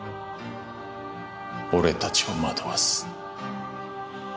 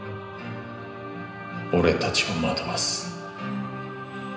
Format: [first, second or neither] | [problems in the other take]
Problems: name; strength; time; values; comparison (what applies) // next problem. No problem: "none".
first | room echo; dies away in 0.9 s